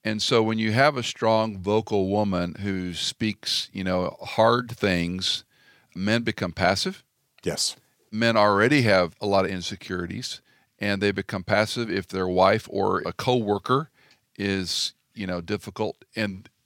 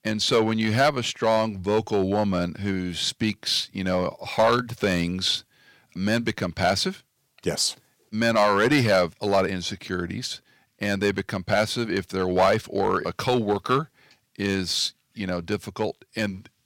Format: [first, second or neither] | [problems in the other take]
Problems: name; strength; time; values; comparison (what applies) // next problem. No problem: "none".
first | distortion; slight; 2% of the sound clipped